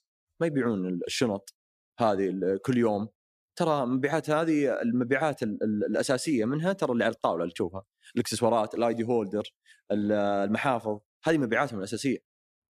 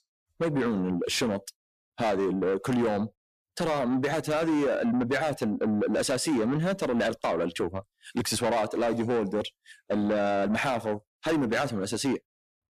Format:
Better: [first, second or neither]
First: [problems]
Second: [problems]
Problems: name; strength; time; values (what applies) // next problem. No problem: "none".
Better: first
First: none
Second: distortion; heavy; 8 dB below the speech